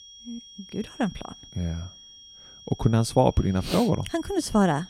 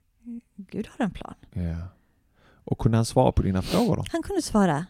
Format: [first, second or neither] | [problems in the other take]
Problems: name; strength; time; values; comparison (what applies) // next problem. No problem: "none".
second | high-pitched whine; noticeable; throughout; 3.5 kHz, 20 dB below the speech